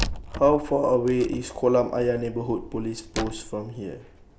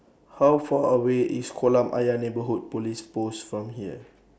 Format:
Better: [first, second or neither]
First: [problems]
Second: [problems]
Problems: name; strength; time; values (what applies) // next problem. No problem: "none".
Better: second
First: background sound (Wood); 11 dB below the speech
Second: none